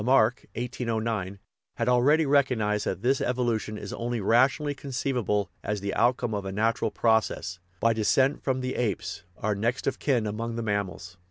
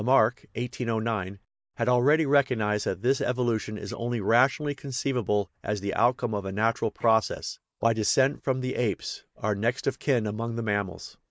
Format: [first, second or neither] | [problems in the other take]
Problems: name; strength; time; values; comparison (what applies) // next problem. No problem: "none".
first | noise reduction (neural mask model Resemble Enhance denoiser)